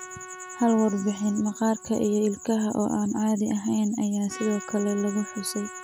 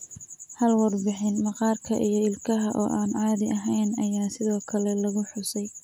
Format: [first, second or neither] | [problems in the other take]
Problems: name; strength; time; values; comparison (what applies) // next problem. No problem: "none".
second | background sound (Trumpet); 18 dB below the speech